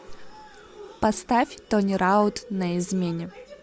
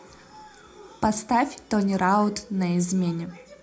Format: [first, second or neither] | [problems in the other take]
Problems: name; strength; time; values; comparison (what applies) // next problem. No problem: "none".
first | room echo; dies away in 0.2 s